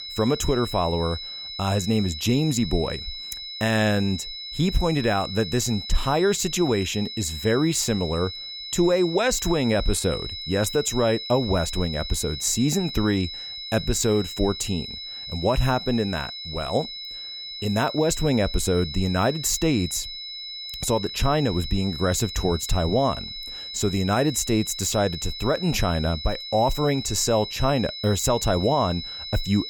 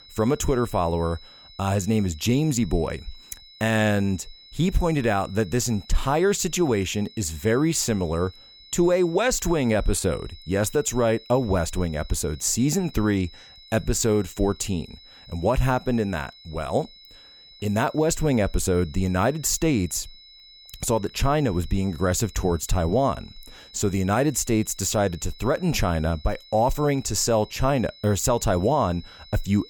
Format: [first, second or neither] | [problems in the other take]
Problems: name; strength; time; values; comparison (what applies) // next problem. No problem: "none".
second | high-pitched whine; loud; throughout; 4 kHz, 8 dB below the speech; faint in the second